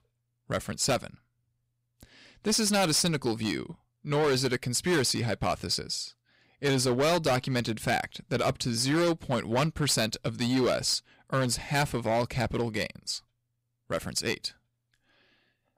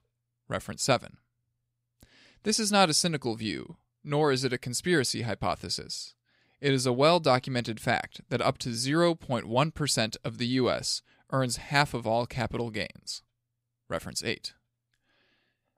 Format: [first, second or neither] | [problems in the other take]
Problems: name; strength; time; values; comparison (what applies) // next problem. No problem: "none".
second | distortion; heavy; 8% of the sound clipped